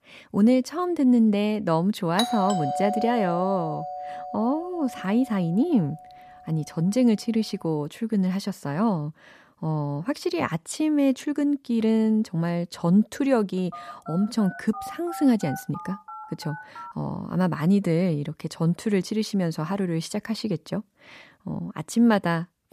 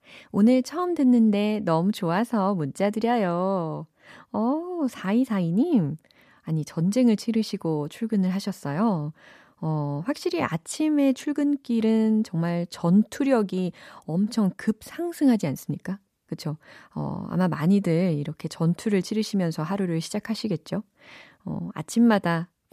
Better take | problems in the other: second | doorbell; noticeable; from 2 to 5 s; peak 2 dB below the speech // phone ringing; faint; from 14 to 17 s; peak 10 dB below the speech

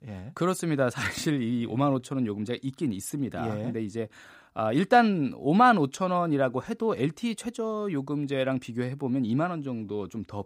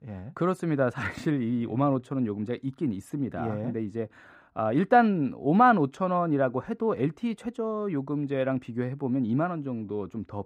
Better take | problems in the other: first | muffled; slightly; fading above 3 kHz

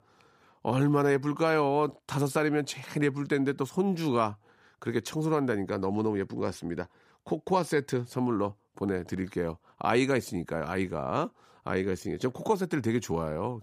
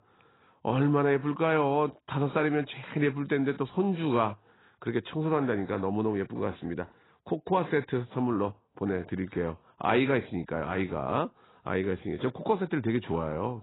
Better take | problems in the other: first | garbled, watery; badly; nothing above 4 kHz

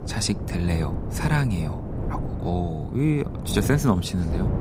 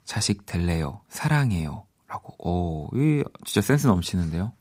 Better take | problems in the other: second | wind noise on the microphone; heavy; 8 dB below the speech

